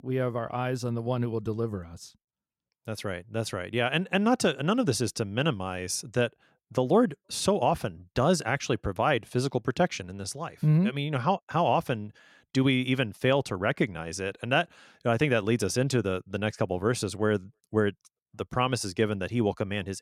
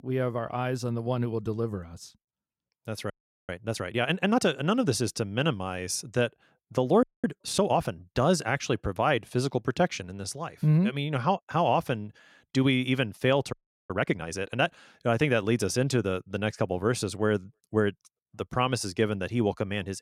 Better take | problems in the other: first | audio freezing; at 3 s, at 7 s and at 14 s

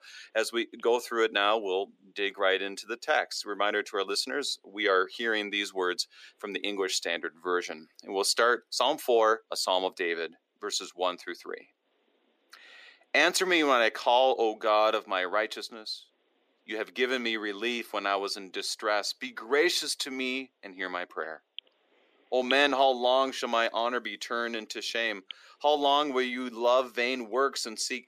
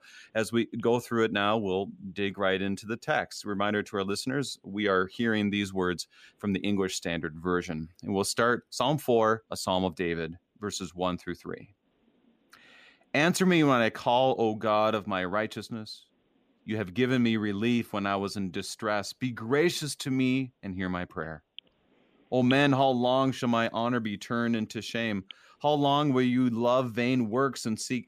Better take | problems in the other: second | thin; somewhat; fading below 350 Hz

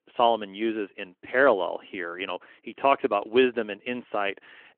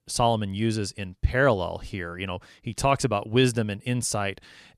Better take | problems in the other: second | phone-call audio

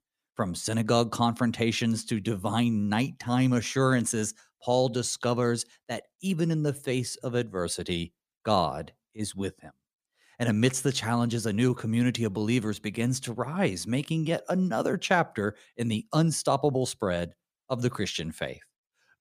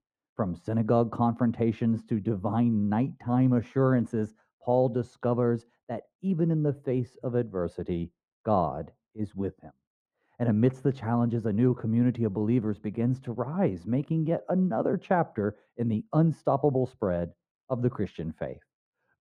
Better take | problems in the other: first | muffled; very; fading above 2.5 kHz

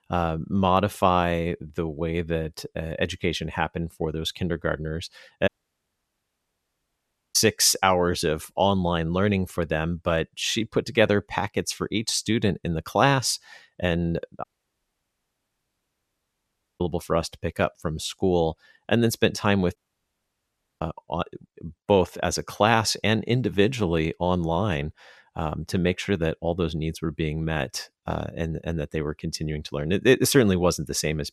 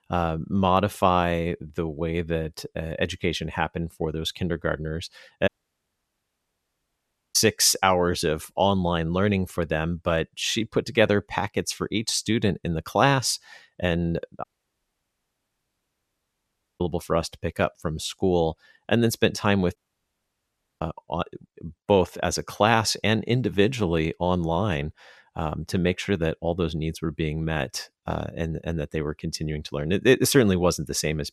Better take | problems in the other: neither | audio cutting out; at 5.5 s for 2 s, at 14 s for 2.5 s and at 20 s for 1 s; the same in both

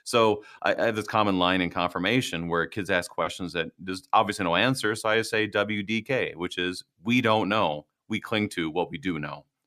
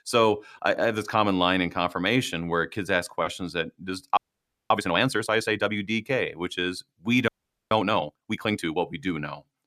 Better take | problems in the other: first | audio freezing; at 4 s for 0.5 s and at 7.5 s

